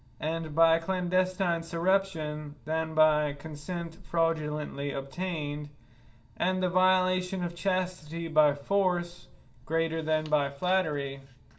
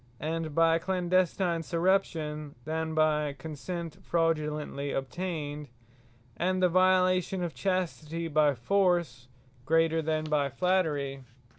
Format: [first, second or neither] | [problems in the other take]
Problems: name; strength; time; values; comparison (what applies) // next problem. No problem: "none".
second | room echo; dies away in 0.4 s